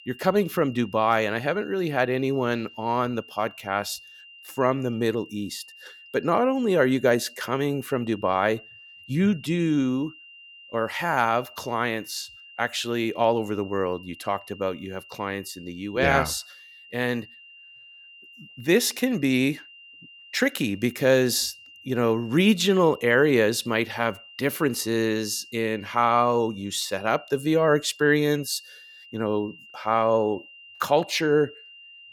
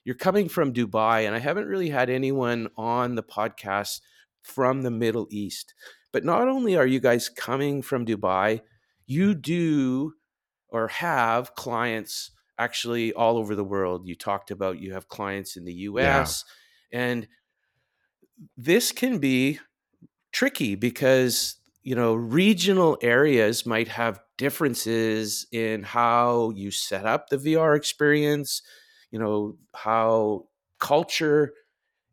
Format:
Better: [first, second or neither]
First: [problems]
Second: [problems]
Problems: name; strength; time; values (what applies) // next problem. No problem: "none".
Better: second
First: high-pitched whine; faint; throughout; 3 kHz, 20 dB below the speech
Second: none